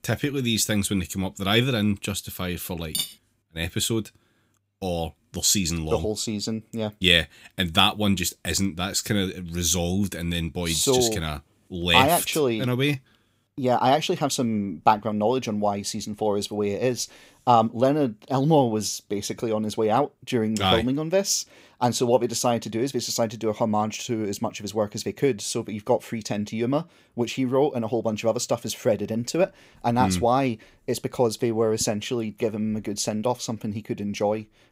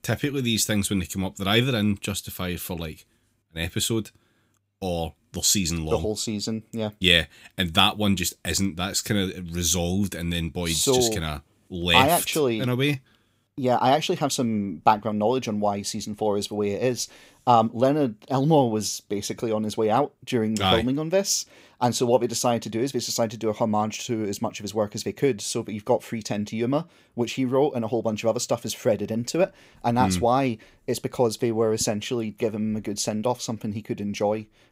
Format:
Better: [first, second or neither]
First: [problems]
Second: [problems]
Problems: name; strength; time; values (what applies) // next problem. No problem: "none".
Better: second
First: clattering dishes; noticeable; at 3 s; peak 4 dB below the speech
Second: none